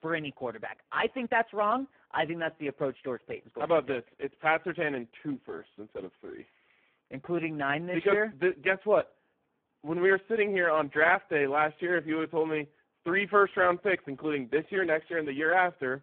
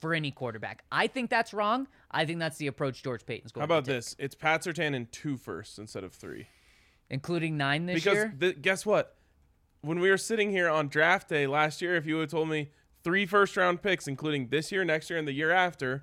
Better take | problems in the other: second | phone-call audio; poor line

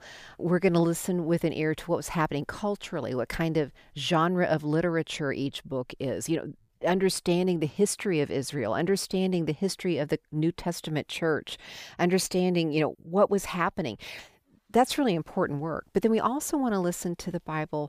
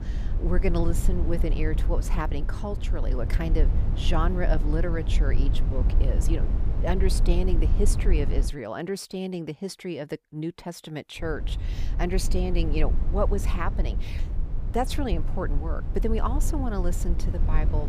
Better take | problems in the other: first | low rumble; loud; until 8.5 s and from 11 s on; 10 dB below the speech

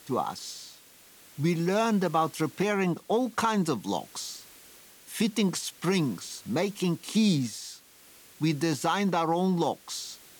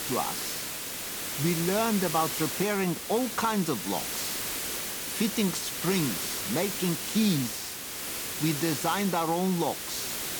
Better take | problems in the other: first | hiss; loud; throughout; 2 dB below the speech; faint in the first

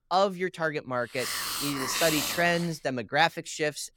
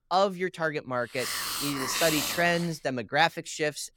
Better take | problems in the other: neither | hiss; loud; throughout; 2 dB below the speech; the same in both

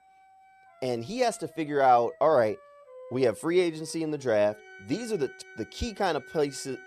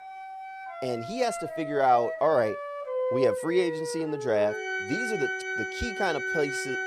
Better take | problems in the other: first | background music; loud; throughout; 4 dB below the speech; faint in the first

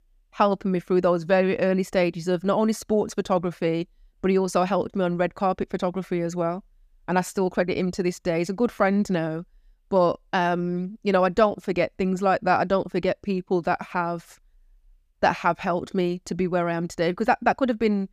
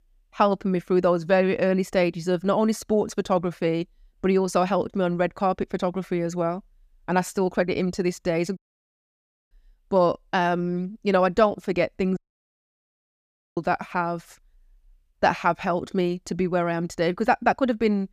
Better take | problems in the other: first | audio cutting out; at 8.5 s for 1 s and at 12 s for 1.5 s

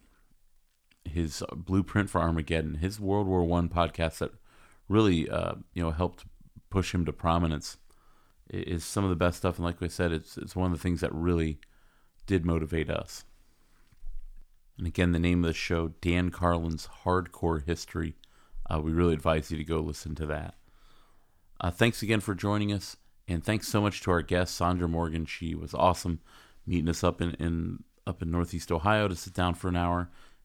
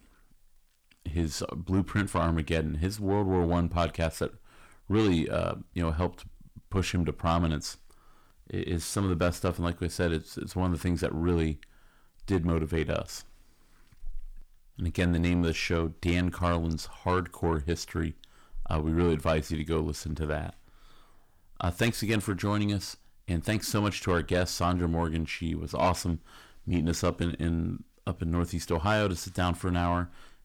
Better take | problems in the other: first | distortion; slight; 10 dB below the speech

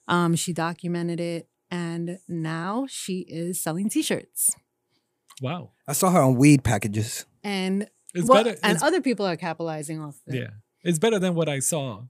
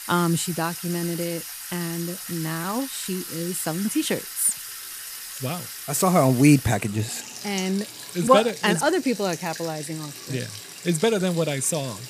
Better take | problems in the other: first | household noises; loud; throughout; 10 dB below the speech

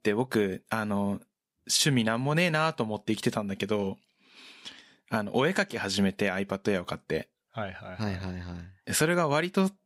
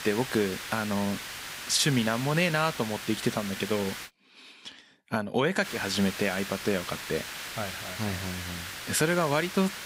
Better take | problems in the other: first | hiss; loud; until 4 s and from 5.5 s on; 8 dB below the speech

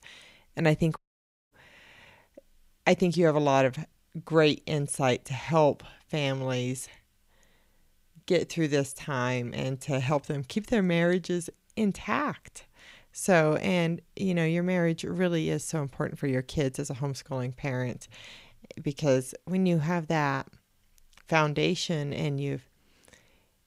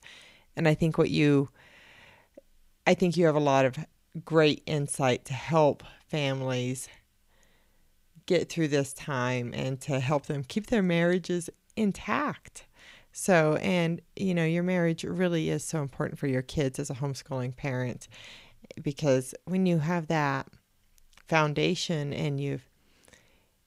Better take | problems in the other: second | audio cutting out; at 1 s for 0.5 s

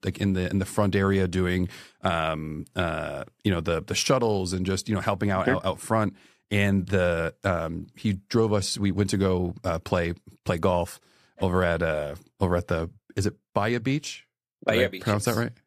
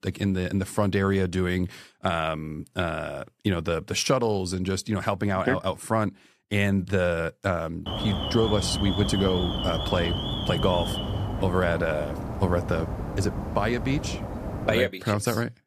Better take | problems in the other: first | alarm; noticeable; from 8 to 15 s; peak 2 dB below the speech

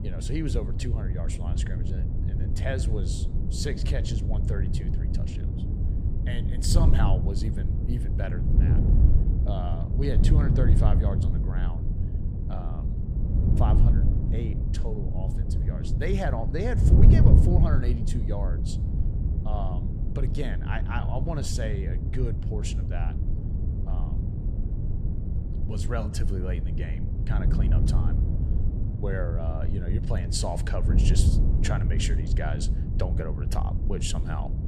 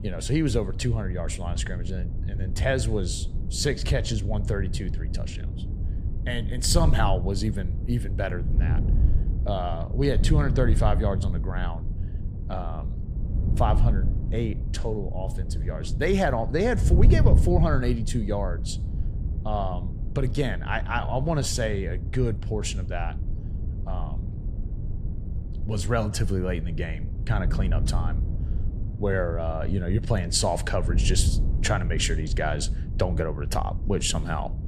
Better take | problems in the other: second | wind noise on the microphone; heavy; 3 dB below the speech; occasional gusts in the second

